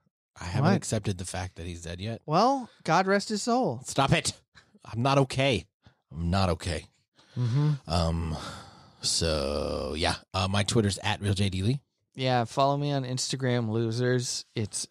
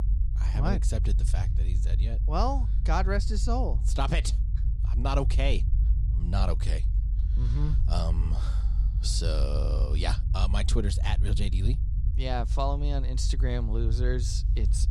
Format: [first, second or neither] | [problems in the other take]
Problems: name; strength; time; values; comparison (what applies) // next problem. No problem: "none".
first | low rumble; noticeable; throughout; 15 dB below the speech